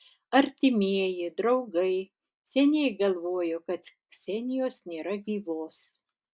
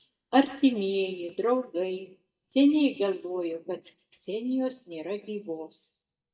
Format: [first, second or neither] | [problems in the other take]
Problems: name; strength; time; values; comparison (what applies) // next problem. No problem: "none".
first | noise reduction (neural mask model DeepFilterNet 3)